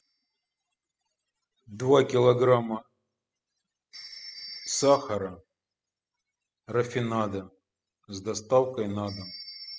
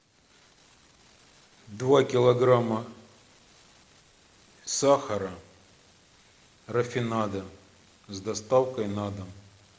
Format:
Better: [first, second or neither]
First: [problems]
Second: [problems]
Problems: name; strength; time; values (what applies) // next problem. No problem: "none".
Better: second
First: noise reduction (classical method spectral subtraction)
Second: none